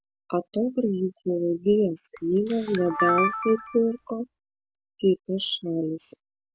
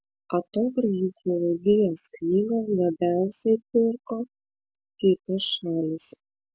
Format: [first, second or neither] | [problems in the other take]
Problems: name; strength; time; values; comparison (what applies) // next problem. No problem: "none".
second | background sound (Camera); 4 dB below the speech